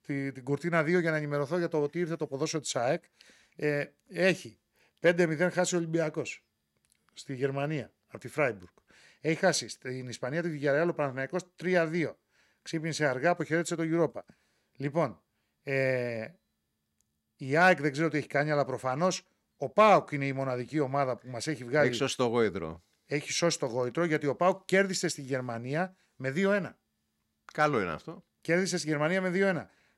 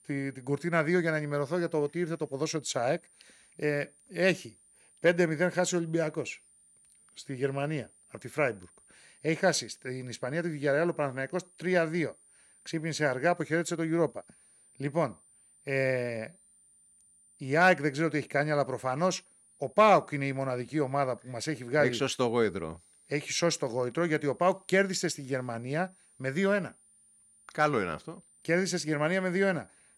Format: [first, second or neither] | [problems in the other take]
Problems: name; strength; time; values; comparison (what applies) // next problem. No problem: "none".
first | high-pitched whine; faint; throughout; 9 kHz, 30 dB below the speech